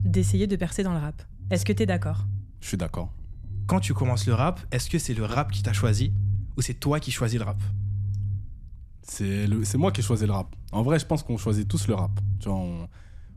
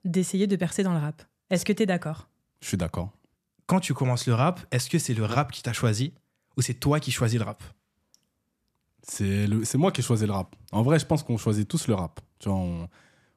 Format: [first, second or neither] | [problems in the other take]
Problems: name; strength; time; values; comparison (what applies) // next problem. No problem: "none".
second | low rumble; noticeable; throughout; 15 dB below the speech